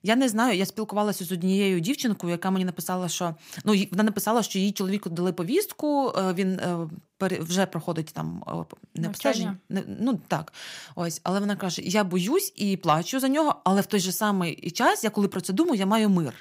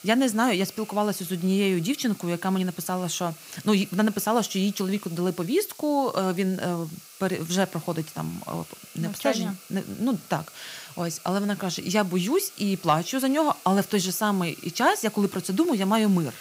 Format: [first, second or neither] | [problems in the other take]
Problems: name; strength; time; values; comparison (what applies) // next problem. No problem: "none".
first | hiss; noticeable; throughout; 20 dB below the speech